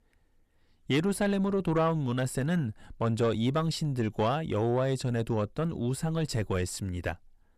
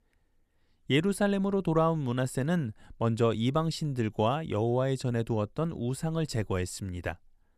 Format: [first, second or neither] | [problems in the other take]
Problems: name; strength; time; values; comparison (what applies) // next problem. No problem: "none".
second | distortion; slight; 10 dB below the speech